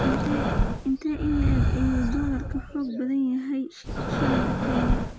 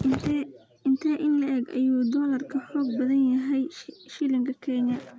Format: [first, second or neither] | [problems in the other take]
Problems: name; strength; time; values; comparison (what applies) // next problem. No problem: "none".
second | background sound (Breathing); 2 dB above the speech